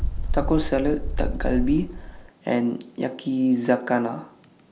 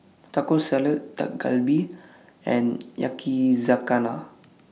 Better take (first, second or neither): second